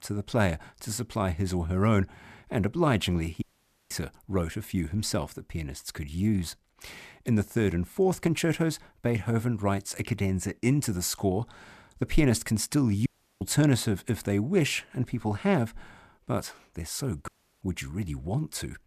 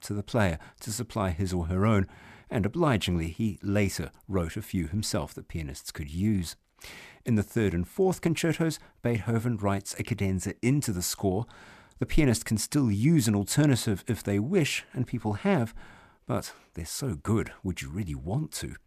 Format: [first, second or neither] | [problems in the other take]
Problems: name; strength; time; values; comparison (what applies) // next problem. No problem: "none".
second | audio cutting out; at 3.5 s, at 13 s and at 17 s